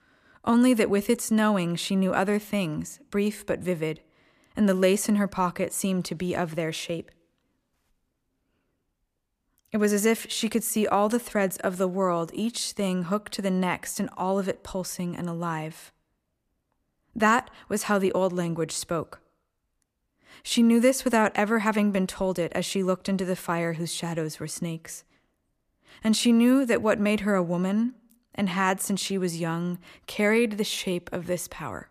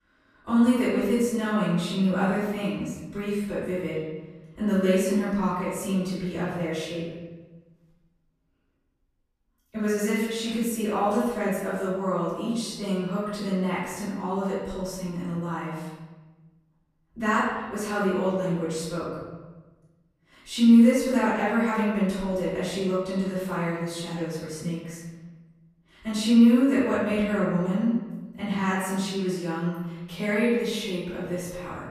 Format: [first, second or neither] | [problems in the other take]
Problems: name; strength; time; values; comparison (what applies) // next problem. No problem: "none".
first | off-mic speech; far // room echo; strong; dies away in 1.2 s